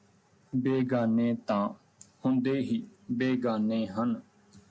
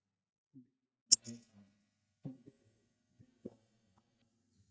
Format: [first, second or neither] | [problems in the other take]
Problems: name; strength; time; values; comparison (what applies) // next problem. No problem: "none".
first | noise reduction (neural mask model DeepFilterNet 3)